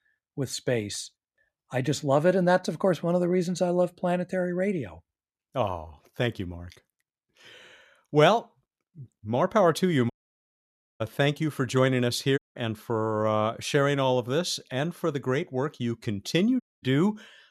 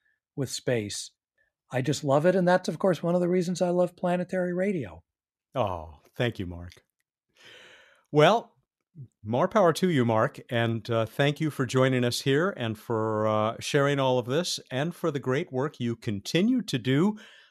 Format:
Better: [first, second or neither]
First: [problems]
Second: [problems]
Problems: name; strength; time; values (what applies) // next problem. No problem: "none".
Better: second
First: audio cutting out; at 10 s for 1 s, at 12 s and at 17 s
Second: none